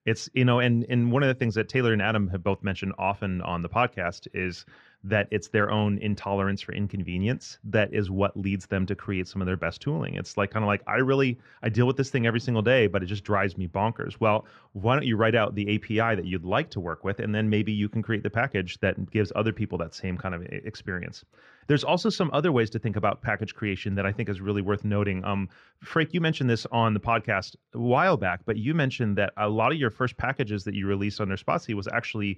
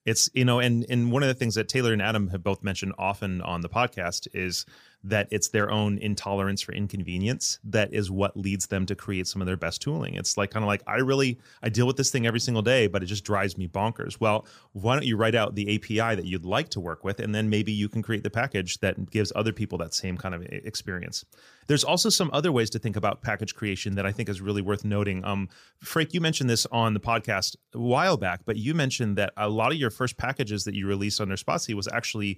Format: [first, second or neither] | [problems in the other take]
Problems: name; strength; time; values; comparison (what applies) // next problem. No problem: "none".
second | muffled; very; fading above 2 kHz